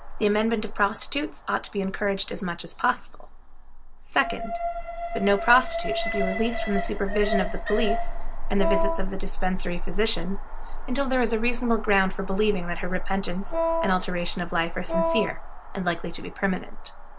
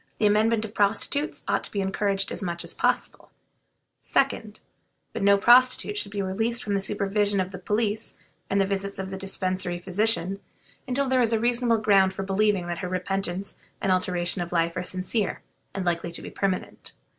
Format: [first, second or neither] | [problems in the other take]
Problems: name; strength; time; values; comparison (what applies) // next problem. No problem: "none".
second | background sound (Alarm + Wind instrument, woodwind instrument); as loud as the speech